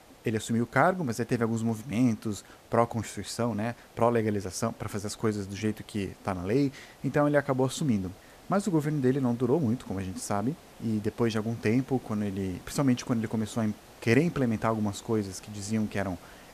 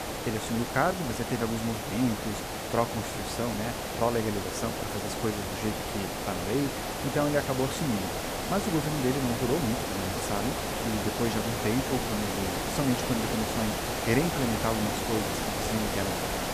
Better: first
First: hiss; faint; throughout; 25 dB below the speech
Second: hiss; loud; throughout; as loud as the speech

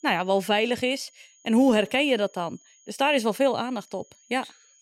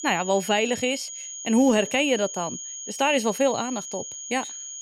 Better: first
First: high-pitched whine; faint; throughout; 6.5 kHz, 30 dB below the speech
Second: high-pitched whine; loud; throughout; 6.5 kHz, 10 dB below the speech

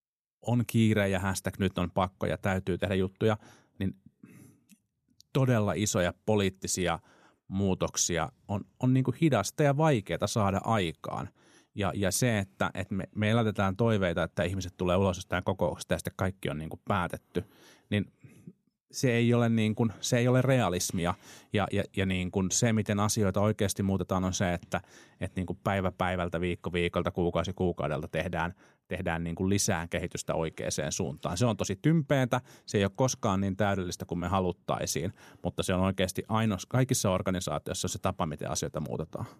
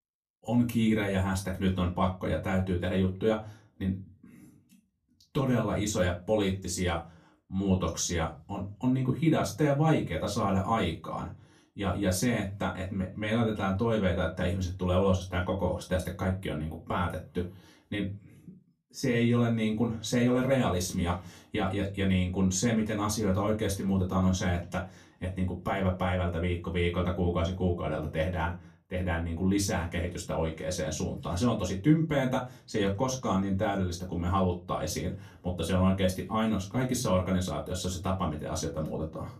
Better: first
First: none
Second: off-mic speech; far // room echo; very slight; dies away in 0.2 s

